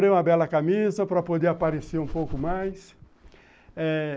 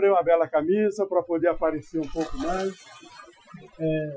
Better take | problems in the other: first | noise reduction (classical method Wiener filter)

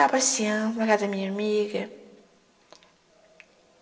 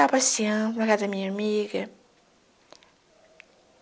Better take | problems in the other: second | room echo; dies away in 0.9 s

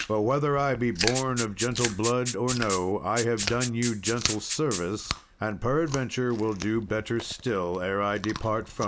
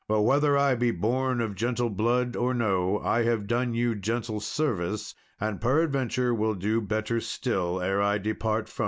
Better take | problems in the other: second | background sound (Chewing, mastication + Rattle (instrument)); 8 dB below the speech

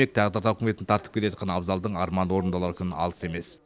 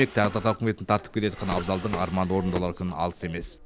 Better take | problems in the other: first | background sound (Drawer open or close); 12 dB below the speech

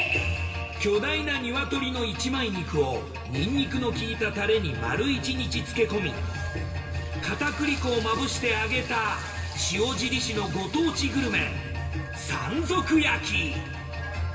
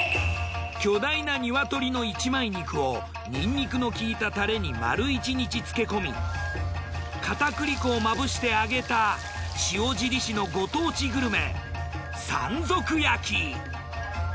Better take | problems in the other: second | room echo; dies away in 2.7 s

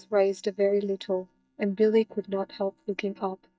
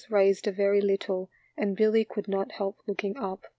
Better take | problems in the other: second | noise reduction (neural mask model DeepFilterNet 3)

